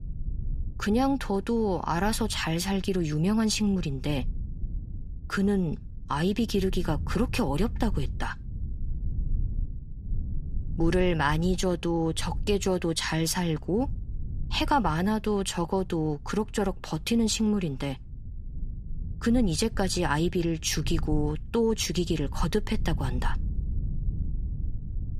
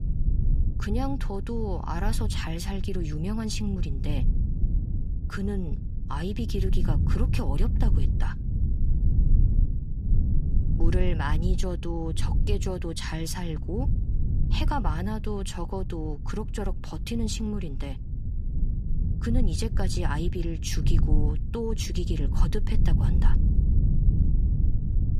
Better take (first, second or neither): first